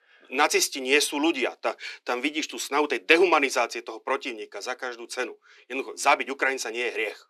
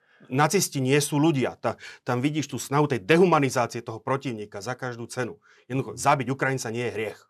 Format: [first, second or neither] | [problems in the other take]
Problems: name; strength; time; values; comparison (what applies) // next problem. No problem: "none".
second | thin; somewhat; fading below 300 Hz